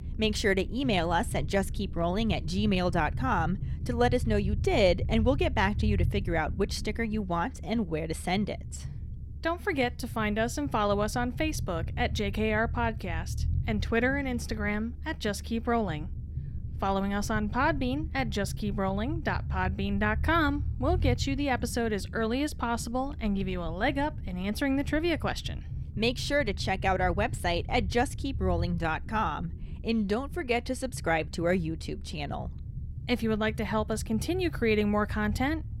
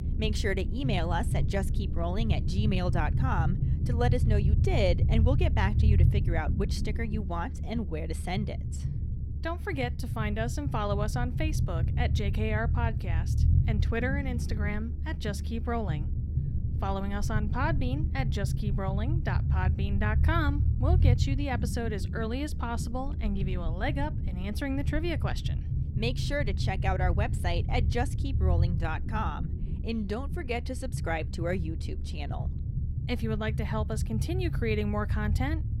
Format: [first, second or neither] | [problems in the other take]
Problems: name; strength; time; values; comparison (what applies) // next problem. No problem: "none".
first | low rumble; loud; throughout; 10 dB below the speech; faint in the first